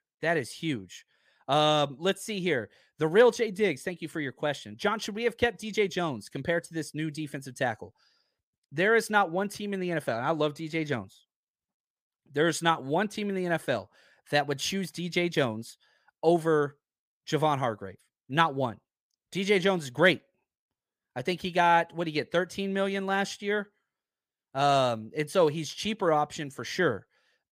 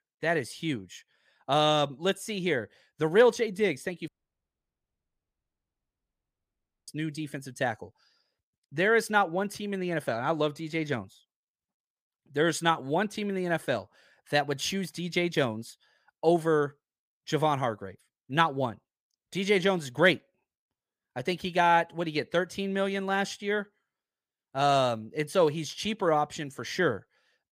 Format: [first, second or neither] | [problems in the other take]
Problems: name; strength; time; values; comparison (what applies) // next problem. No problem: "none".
first | audio cutting out; at 4 s for 3 s